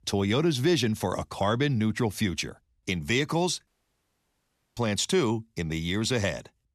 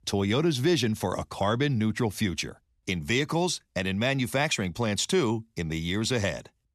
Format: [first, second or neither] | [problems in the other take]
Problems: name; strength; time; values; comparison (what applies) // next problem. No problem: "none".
second | audio cutting out; at 3.5 s for 1 s